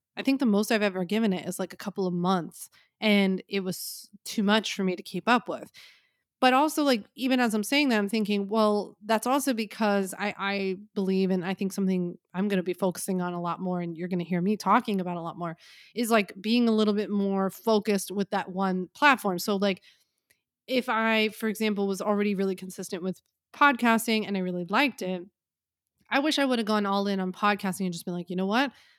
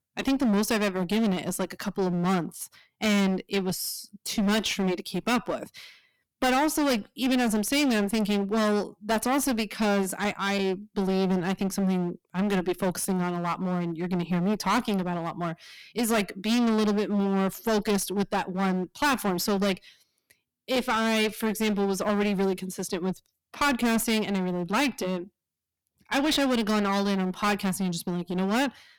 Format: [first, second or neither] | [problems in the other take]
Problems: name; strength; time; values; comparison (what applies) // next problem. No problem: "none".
first | distortion; heavy; 18% of the sound clipped